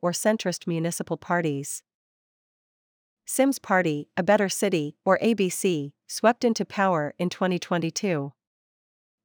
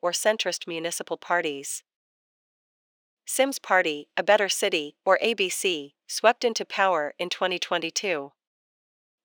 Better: first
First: none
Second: thin; somewhat; fading below 450 Hz

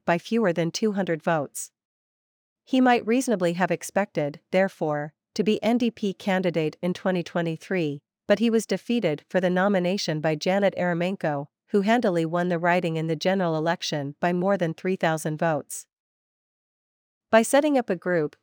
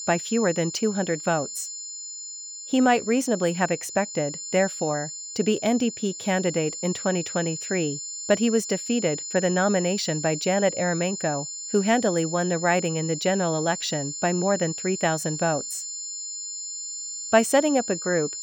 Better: first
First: none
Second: high-pitched whine; loud; throughout; 7 kHz, 7 dB below the speech

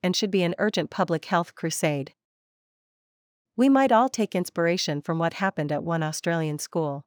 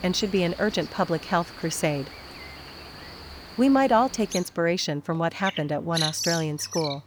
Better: first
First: none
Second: animal sounds; loud; throughout; 9 dB below the speech

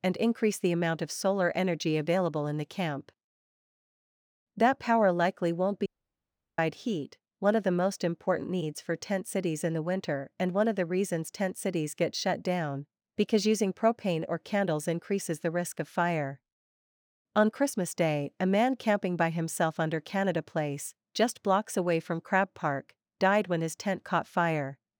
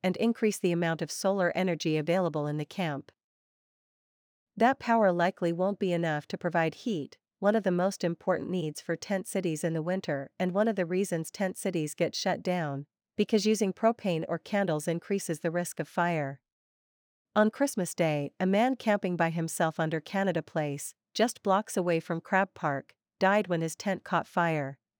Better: second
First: audio cutting out; at 6 s for 0.5 s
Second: none

